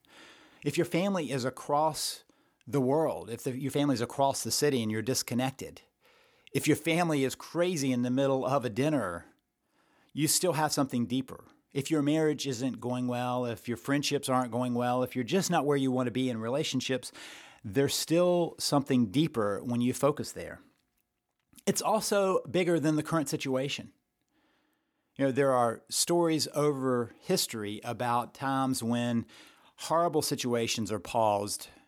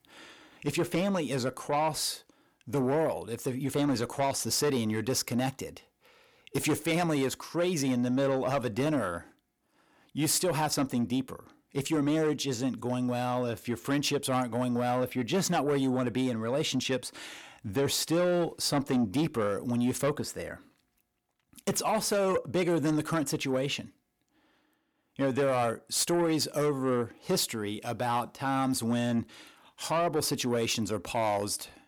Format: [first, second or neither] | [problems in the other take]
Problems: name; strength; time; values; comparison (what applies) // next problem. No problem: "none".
first | distortion; slight; 10 dB below the speech